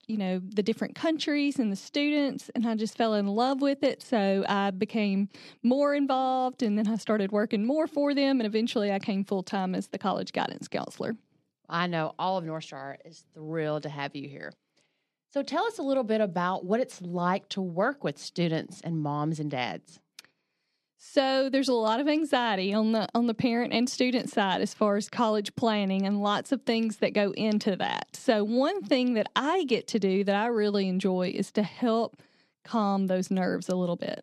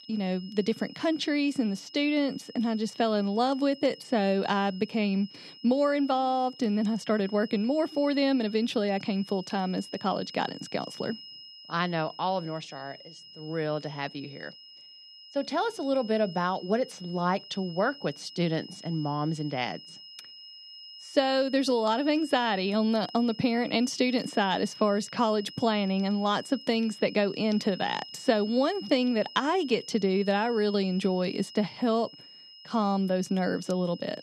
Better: first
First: none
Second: high-pitched whine; noticeable; throughout; 5 kHz, 15 dB below the speech

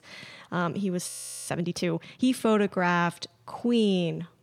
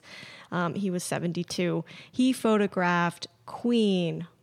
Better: second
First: audio freezing; at 1 s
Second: none

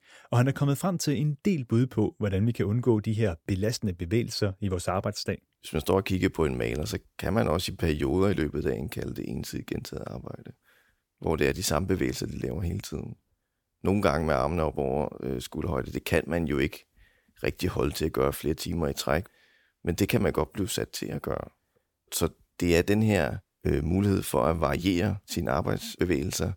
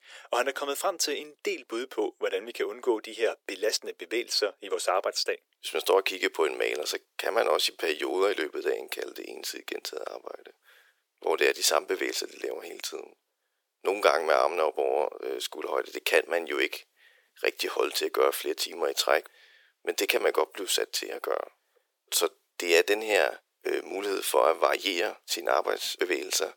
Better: first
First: none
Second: thin; very; fading below 400 Hz

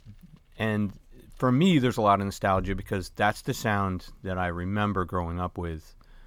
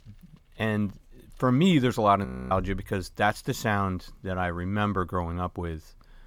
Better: first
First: none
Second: audio freezing; at 2.5 s

